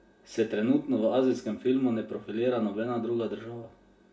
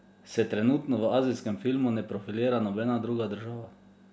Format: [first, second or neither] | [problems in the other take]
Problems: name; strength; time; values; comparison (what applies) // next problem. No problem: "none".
second | room echo; dies away in 0.2 s